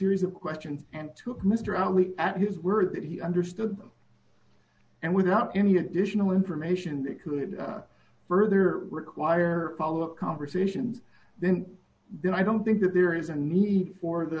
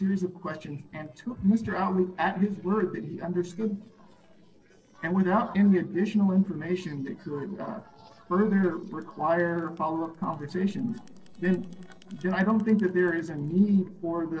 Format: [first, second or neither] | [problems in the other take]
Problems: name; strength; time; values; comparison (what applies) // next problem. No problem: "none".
first | noise reduction (neural separator model SepFormer DNS4)